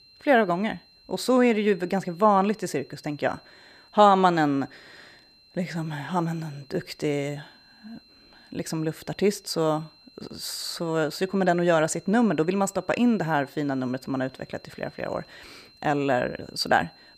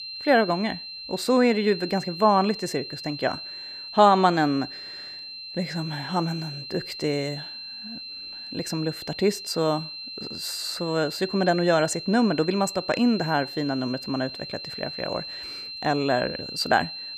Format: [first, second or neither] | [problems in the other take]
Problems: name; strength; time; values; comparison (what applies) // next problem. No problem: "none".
first | high-pitched whine; loud; throughout; 4 kHz, 10 dB below the speech; faint in the first